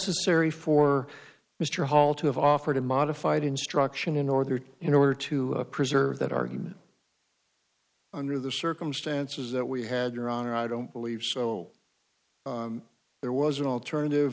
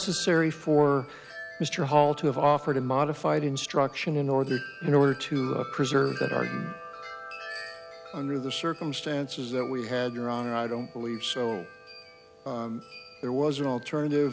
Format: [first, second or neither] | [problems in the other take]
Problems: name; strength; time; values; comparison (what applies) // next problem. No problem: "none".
first | background sound (Wind chime); 16 dB below the speech